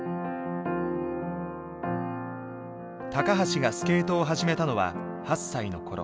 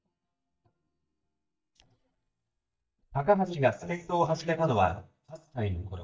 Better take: first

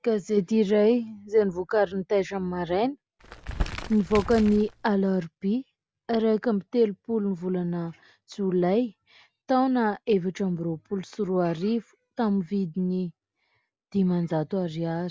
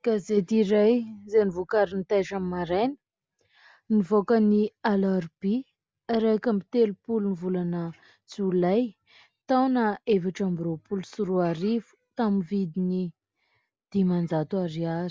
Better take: second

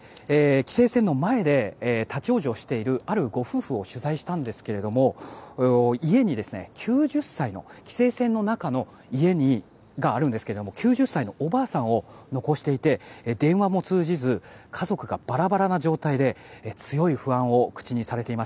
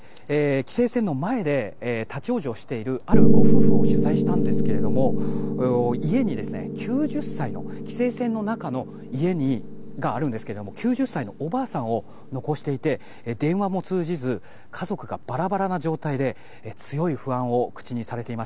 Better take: first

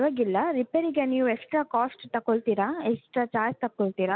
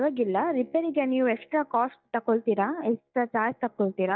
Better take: first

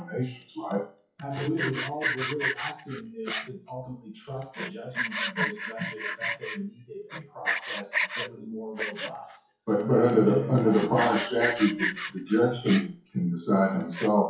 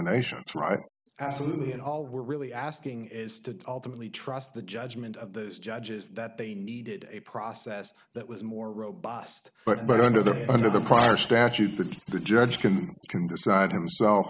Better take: second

